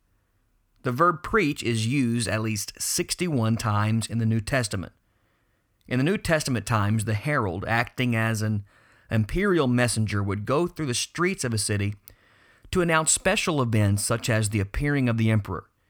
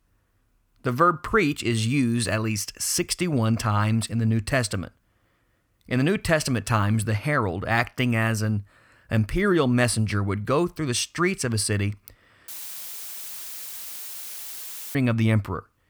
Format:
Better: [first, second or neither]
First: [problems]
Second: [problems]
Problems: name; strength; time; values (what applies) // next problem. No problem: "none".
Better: first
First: none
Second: audio cutting out; filled with static; at 12 s for 2.5 s